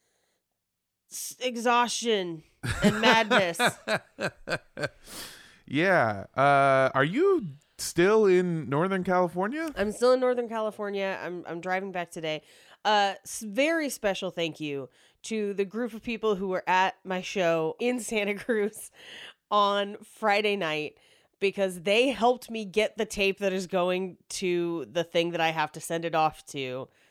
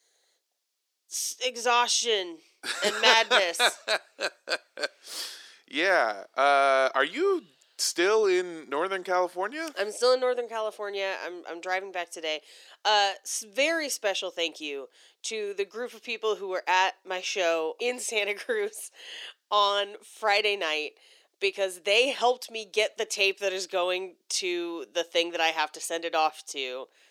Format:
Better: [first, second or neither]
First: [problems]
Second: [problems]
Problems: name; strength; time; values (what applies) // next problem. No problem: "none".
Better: first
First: none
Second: thin; somewhat; fading below 350 Hz